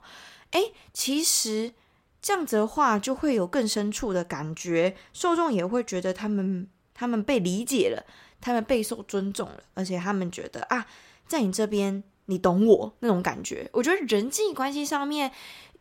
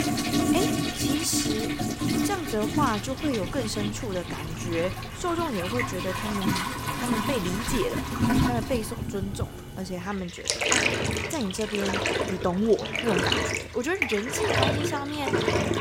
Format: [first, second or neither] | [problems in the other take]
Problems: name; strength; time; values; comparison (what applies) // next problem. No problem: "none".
first | household noises; very loud; throughout; 3 dB above the speech